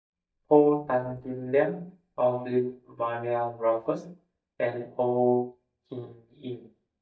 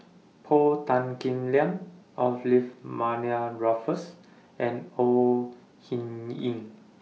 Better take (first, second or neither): second